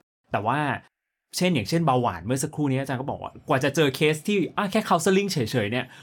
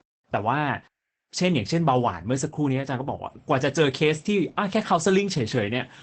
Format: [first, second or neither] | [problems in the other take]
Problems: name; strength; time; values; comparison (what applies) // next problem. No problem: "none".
first | garbled, watery; badly; nothing above 8 kHz